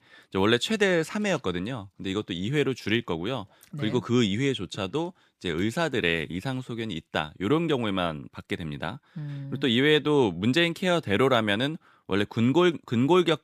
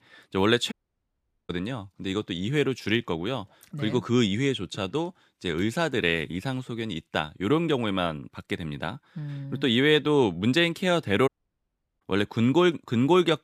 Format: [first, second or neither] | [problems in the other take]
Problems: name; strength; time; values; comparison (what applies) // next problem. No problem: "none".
first | audio cutting out; at 0.5 s for 1 s and at 11 s for 0.5 s